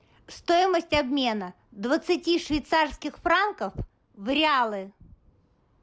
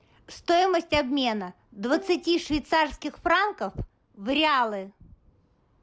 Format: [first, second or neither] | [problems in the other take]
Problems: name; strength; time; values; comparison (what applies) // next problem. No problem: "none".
first | background sound (Bowed string instrument); 18 dB below the speech